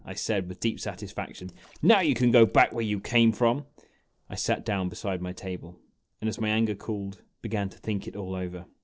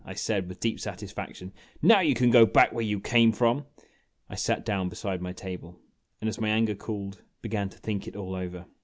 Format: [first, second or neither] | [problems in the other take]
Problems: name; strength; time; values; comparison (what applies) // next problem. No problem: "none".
second | noise reduction (neural separator model SepFormer DNS4)